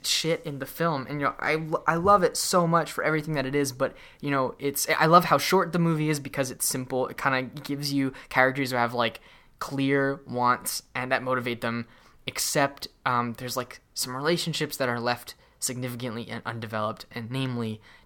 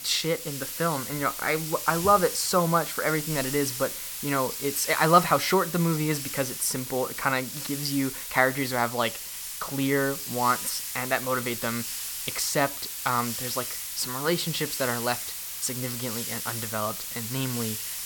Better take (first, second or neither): first